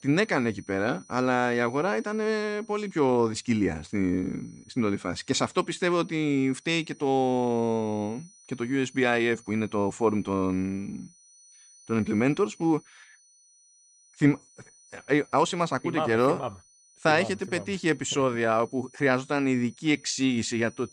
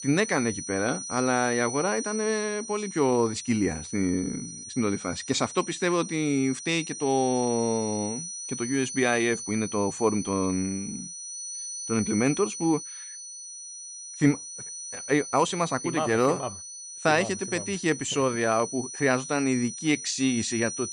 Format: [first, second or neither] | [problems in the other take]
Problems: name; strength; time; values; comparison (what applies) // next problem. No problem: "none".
first | high-pitched whine; loud; throughout; 6 kHz, 8 dB below the speech; faint in the first